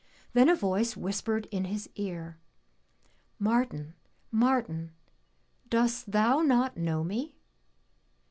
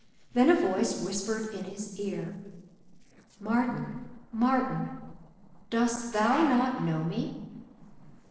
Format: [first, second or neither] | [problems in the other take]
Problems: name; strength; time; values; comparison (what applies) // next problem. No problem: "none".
first | noise reduction (neural separator model SepFormer DNS4)